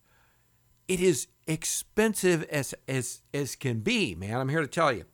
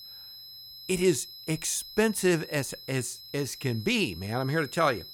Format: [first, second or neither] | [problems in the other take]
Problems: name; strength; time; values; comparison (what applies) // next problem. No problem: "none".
first | high-pitched whine; noticeable; throughout; 5 kHz, 15 dB below the speech